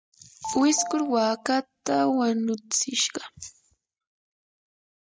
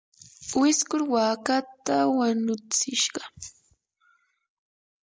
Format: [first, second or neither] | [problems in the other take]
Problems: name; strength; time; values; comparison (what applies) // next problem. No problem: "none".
second | noise reduction (neural mask model RNNoise)